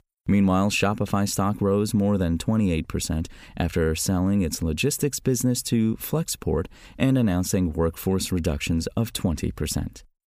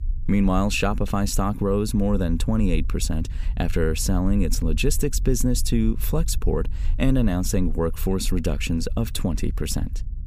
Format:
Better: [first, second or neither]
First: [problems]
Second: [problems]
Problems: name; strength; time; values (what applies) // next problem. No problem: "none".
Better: first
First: none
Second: low rumble; faint; throughout; 25 dB below the speech